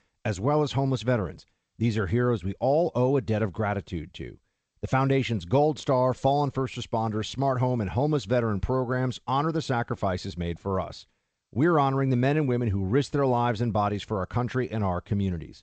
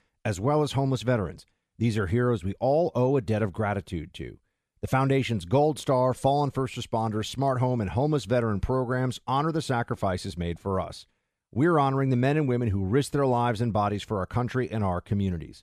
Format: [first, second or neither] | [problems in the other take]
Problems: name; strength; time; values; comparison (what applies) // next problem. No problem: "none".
second | garbled, watery; slightly; nothing above 8 kHz